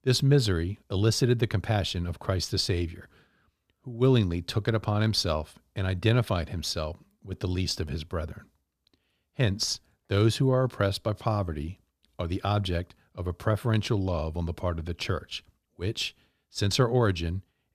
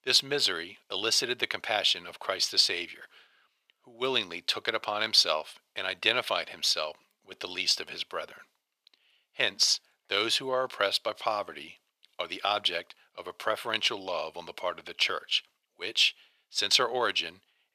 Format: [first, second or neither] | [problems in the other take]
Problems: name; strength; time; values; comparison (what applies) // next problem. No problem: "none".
first | thin; very; fading below 700 Hz